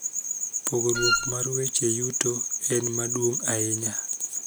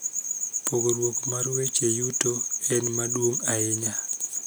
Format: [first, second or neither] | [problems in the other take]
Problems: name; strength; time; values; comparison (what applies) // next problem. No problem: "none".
second | background sound (Wind instrument, woodwind instrument); as loud as the speech